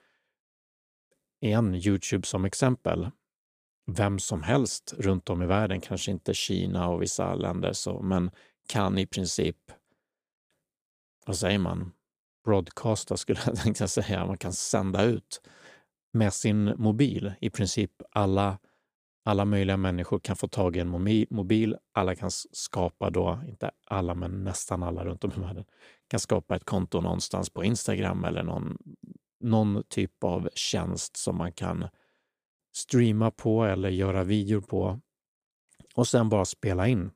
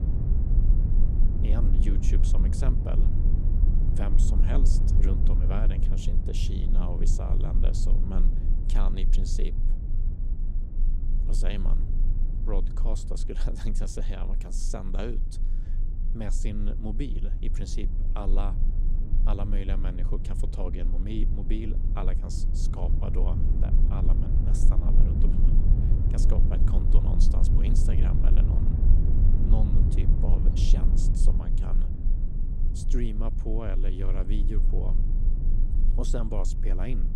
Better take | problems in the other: first | low rumble; loud; throughout; 3 dB below the speech

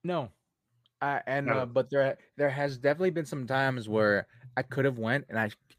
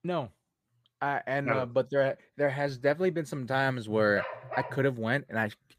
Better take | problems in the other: first | dog barking; noticeable; at 4 s; peak 8 dB below the speech

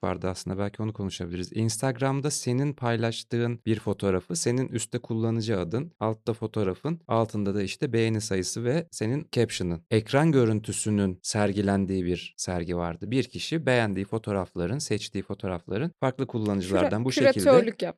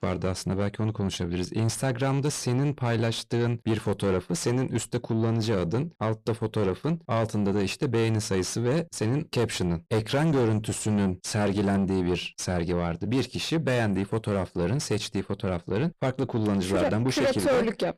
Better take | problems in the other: first | distortion; heavy; 7 dB below the speech

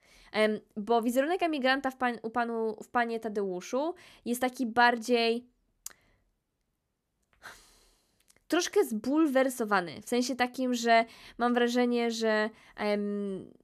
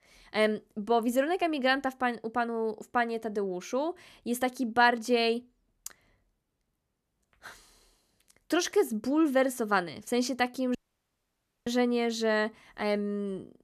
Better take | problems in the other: first | audio cutting out; at 11 s for 1 s

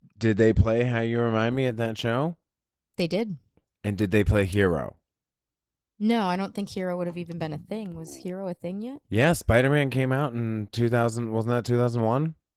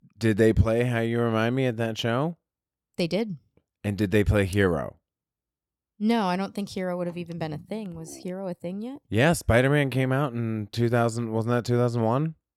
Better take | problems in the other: second | garbled, watery; slightly

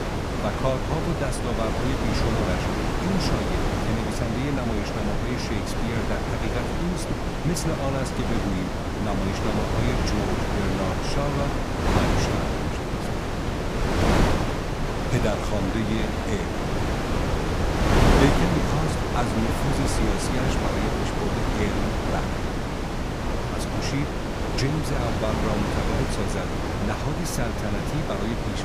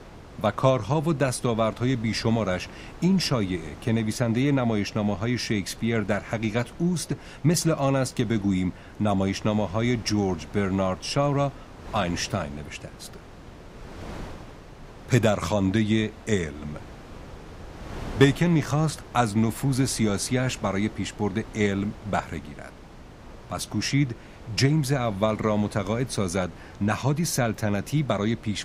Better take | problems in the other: second | wind noise on the microphone; heavy; 4 dB above the speech; occasional gusts in the second

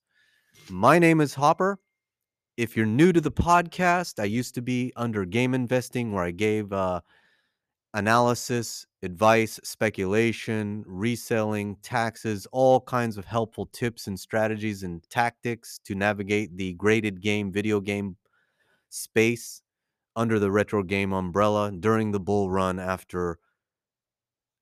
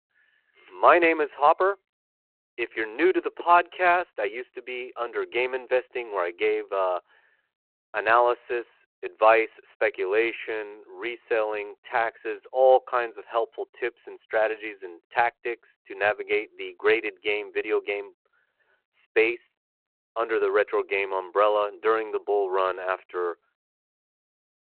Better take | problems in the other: first | phone-call audio; nothing above 4 kHz

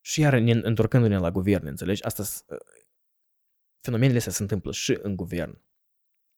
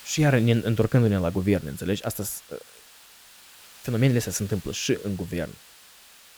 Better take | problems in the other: first | hiss; faint; throughout; 20 dB below the speech

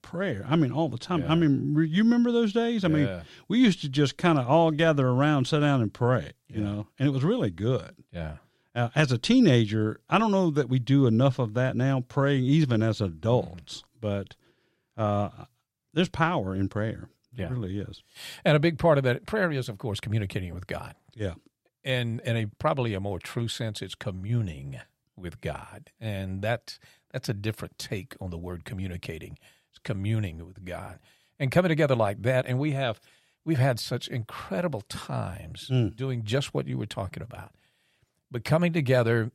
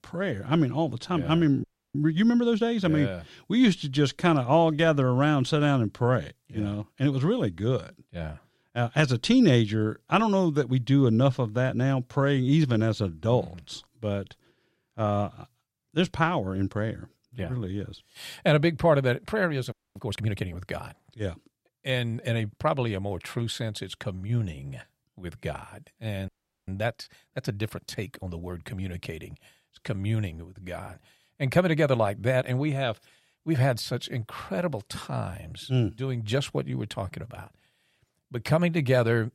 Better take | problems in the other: first | audio freezing; at 1.5 s, at 20 s and at 26 s

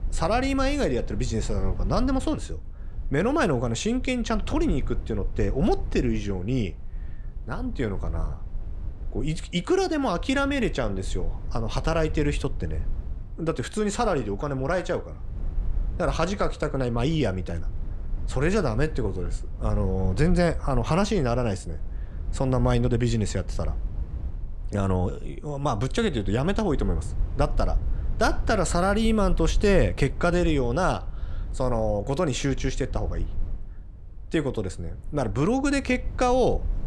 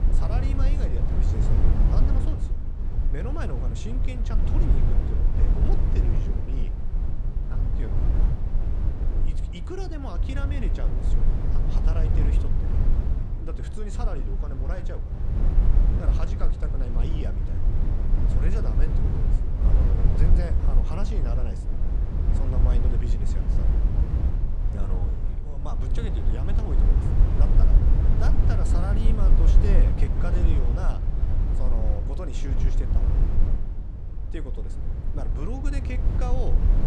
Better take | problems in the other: first | low rumble; loud; throughout; as loud as the speech; faint in the first

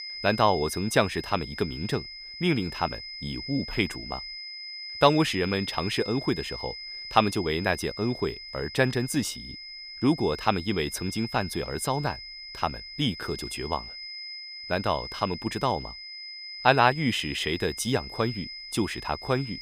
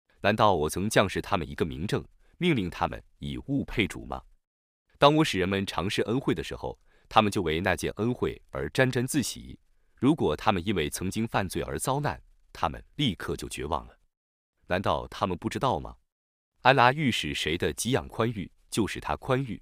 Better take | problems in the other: second | high-pitched whine; loud; throughout; 5 kHz, 10 dB below the speech

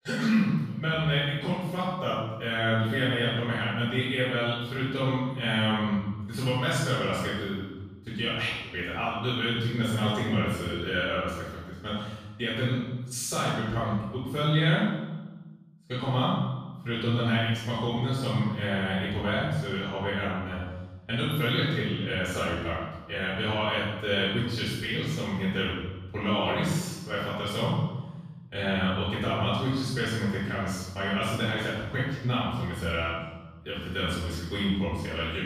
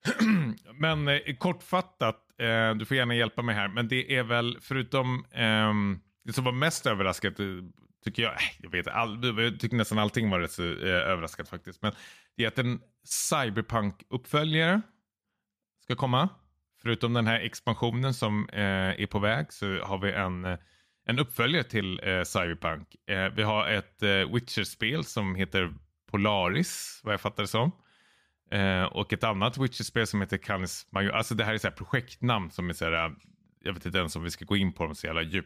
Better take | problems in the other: second | off-mic speech; far // room echo; strong; dies away in 1 s

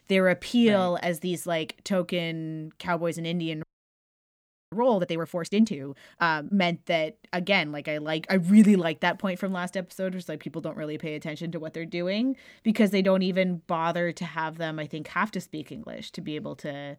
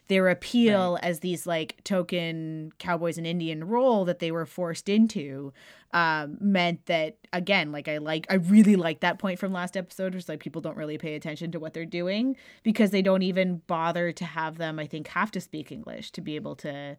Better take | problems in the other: second | audio freezing; at 3.5 s for 1 s

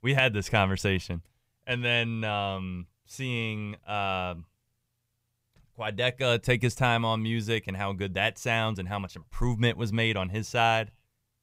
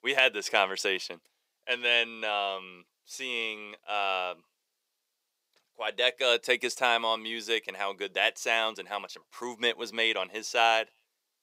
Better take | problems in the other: first | thin; very; fading below 350 Hz

